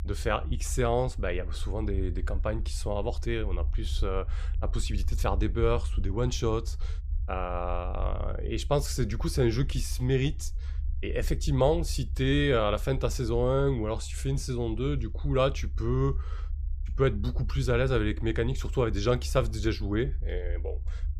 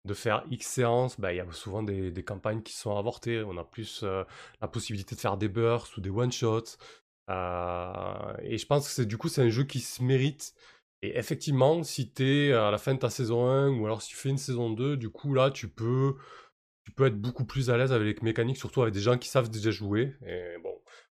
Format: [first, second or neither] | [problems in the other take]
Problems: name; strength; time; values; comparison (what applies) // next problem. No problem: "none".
second | low rumble; faint; throughout; 25 dB below the speech